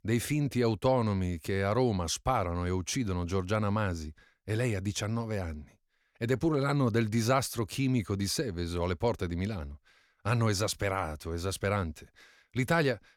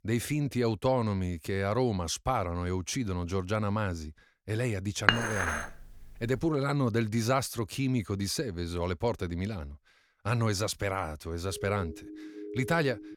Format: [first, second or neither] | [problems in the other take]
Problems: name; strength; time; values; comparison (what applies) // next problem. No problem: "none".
first | clattering dishes; loud; at 5 s; peak 5 dB above the speech // siren; noticeable; from 11 s on; peak 9 dB below the speech